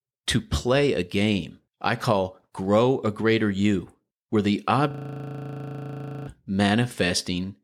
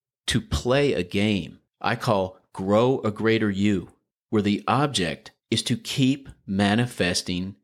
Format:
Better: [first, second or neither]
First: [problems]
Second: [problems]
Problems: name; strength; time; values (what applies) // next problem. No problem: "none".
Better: second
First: audio freezing; at 5 s for 1.5 s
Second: none